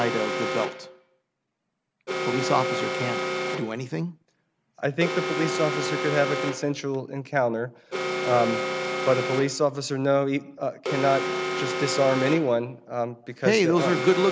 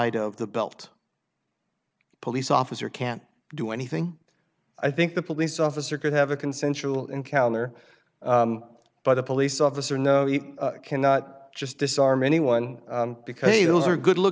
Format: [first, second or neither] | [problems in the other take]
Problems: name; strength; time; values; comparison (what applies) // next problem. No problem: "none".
second | background sound (Alarm); 4 dB below the speech